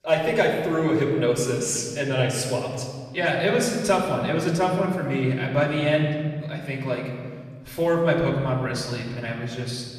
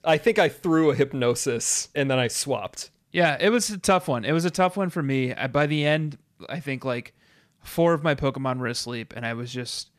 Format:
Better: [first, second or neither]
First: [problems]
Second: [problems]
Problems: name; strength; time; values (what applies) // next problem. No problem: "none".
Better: second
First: off-mic speech; far // room echo; noticeable; dies away in 1.8 s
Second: none